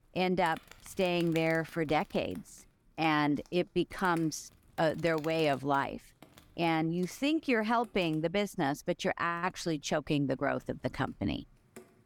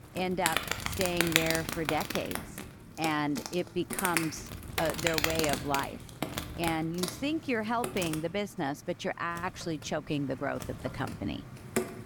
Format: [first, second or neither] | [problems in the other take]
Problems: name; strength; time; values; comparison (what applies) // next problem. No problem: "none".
first | animal sounds; loud; throughout; 1 dB below the speech; faint in the first